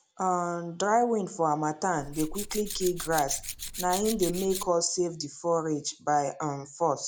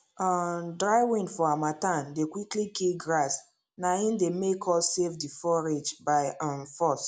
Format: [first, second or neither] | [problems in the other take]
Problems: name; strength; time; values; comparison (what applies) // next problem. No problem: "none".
second | background sound (Tools); 8 dB below the speech